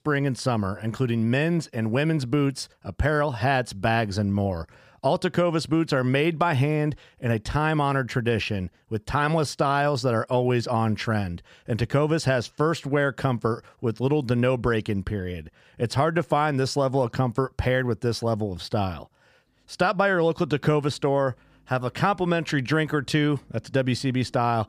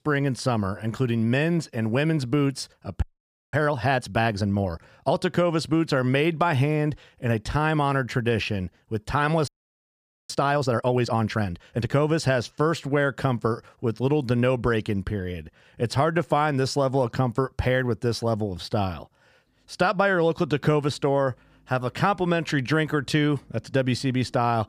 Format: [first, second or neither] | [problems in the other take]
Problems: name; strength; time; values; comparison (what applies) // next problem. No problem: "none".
first | audio freezing; at 3 s for 0.5 s and at 9.5 s for 1 s